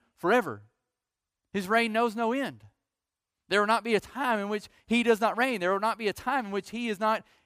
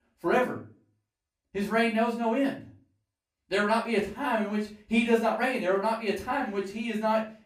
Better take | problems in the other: first | off-mic speech; far // room echo; slight; dies away in 0.3 s

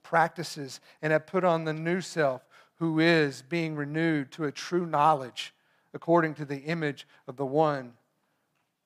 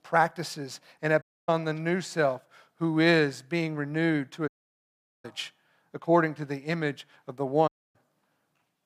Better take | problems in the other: first | audio cutting out; at 1 s, at 4.5 s for 1 s and at 7.5 s

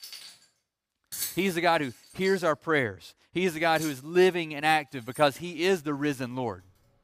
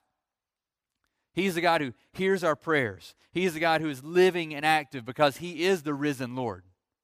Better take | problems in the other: second | household noises; noticeable; throughout; 15 dB below the speech

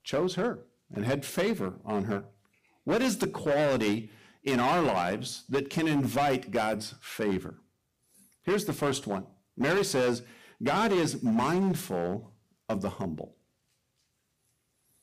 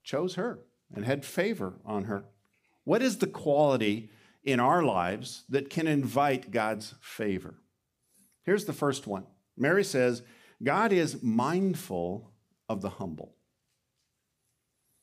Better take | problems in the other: second | distortion; heavy; 10% of the sound clipped

